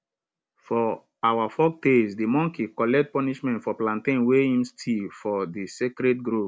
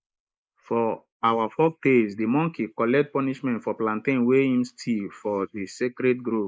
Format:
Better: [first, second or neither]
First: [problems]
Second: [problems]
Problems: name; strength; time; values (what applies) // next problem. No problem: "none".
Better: first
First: none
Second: noise reduction (neural mask model Resemble Enhance denoiser)